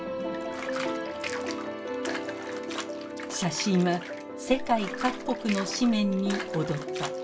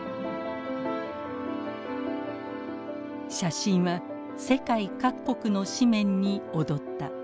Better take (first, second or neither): second